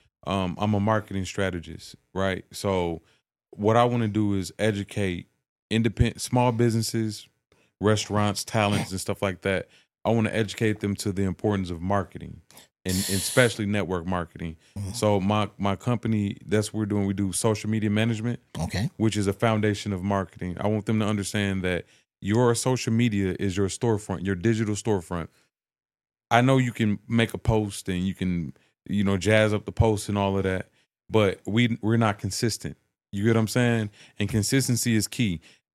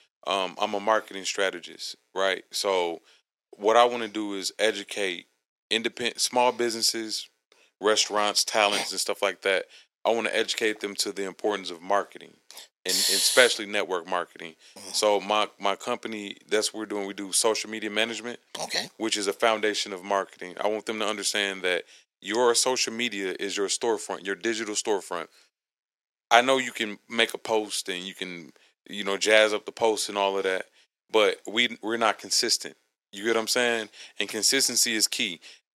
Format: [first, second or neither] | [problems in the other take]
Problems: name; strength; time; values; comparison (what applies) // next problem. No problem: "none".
first | thin; very; fading below 400 Hz